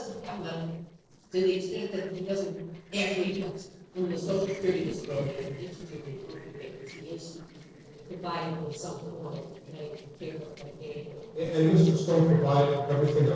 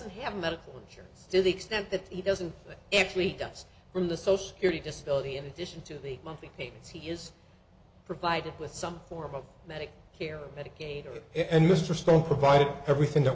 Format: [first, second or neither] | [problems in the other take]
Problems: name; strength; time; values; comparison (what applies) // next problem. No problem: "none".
second | noise reduction (neural separator model SepFormer DNS4)